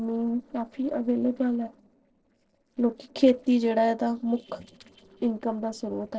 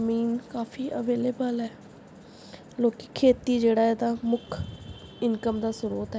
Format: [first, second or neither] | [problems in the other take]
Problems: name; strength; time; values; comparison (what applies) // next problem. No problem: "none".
second | noise reduction (neural separator model SepFormer DNS4)